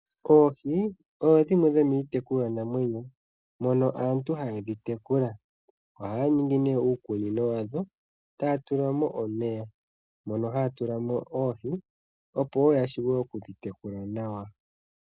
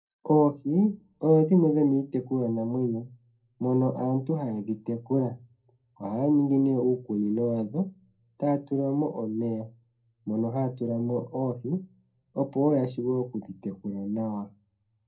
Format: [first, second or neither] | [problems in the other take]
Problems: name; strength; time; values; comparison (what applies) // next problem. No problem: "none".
first | room echo; dies away in 0.2 s